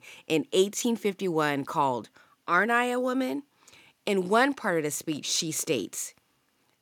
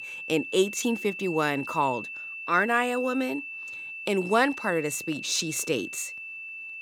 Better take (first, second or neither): first